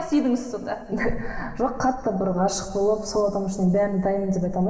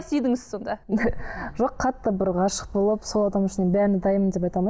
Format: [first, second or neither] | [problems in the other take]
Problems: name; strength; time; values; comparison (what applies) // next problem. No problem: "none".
second | room echo; dies away in 2 s